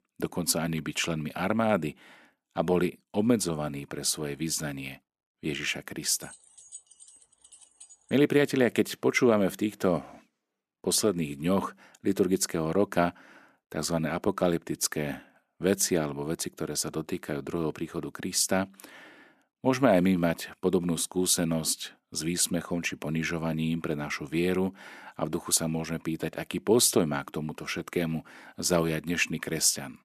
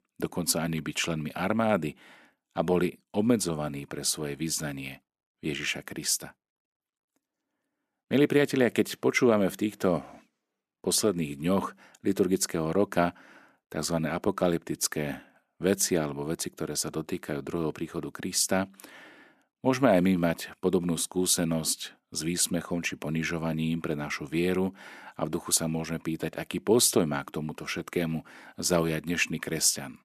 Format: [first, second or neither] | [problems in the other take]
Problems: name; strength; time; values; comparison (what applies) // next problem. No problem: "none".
second | jangling keys; faint; from 6 to 8 s; peak 20 dB below the speech